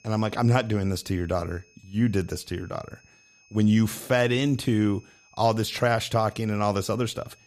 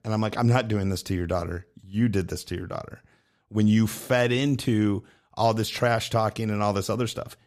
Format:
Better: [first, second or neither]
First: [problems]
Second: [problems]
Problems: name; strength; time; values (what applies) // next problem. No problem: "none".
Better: second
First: high-pitched whine; faint; throughout; 2.5 kHz, 30 dB below the speech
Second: none